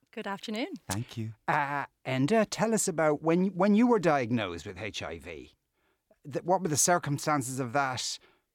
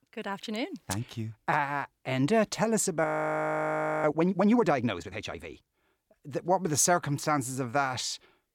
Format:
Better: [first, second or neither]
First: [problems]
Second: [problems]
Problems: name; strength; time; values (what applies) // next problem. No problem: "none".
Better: first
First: none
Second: audio freezing; at 3 s for 1 s